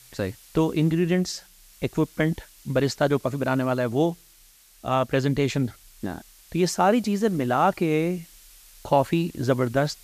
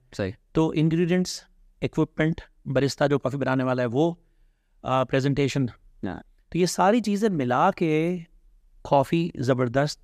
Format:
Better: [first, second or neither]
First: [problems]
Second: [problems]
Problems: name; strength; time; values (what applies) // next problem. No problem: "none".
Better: second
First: hiss; faint; throughout; 25 dB below the speech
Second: none